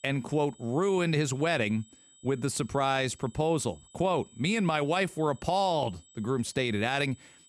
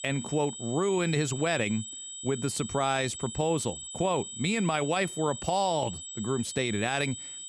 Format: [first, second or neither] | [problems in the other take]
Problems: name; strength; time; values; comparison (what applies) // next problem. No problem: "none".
first | high-pitched whine; loud; throughout; 8 kHz, 9 dB below the speech; faint in the first